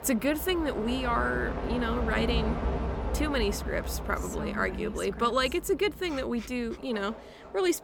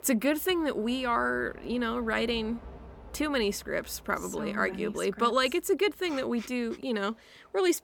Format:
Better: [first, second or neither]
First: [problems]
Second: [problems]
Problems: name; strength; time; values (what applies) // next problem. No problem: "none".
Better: second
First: train or aircraft noise; loud; throughout; 5 dB below the speech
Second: train or aircraft noise; faint; throughout; 20 dB below the speech